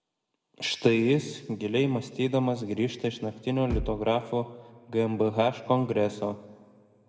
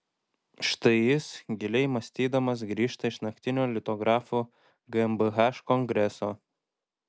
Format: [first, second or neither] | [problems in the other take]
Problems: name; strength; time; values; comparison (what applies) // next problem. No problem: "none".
second | background sound (Bass drum); 6 dB below the speech // room echo; dies away in 1.1 s